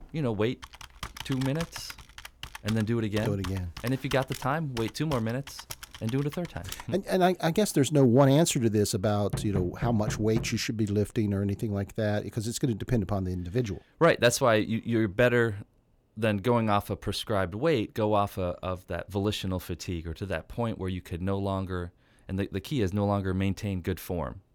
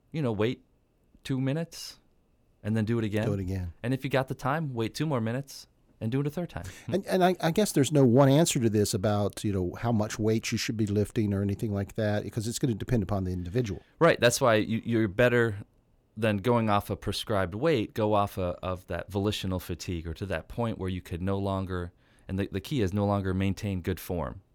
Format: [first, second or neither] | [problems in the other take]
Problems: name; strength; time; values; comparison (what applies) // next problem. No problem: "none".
second | keyboard typing; faint; until 7 s; peak 10 dB below the speech // door banging; noticeable; from 9.5 to 11 s; peak 6 dB below the speech